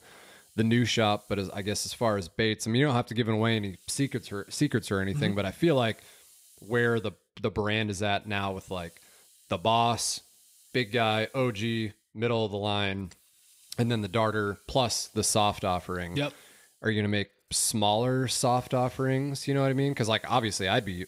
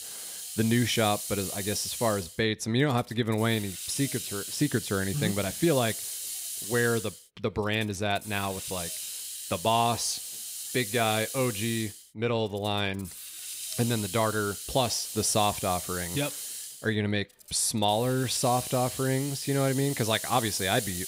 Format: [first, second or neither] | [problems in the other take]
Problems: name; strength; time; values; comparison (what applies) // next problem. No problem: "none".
first | hiss; loud; throughout; 6 dB below the speech; faint in the first